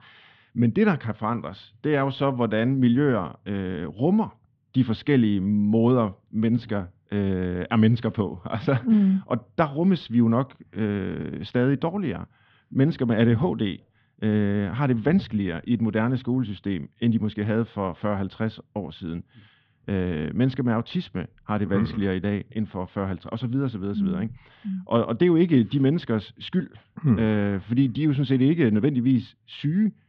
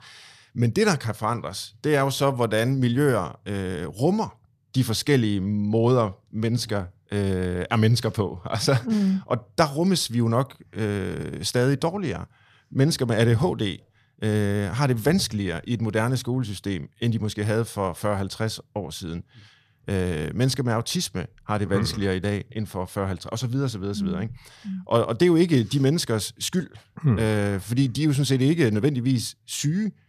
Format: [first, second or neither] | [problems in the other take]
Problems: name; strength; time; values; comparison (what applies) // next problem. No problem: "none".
second | muffled; very; fading above 3.5 kHz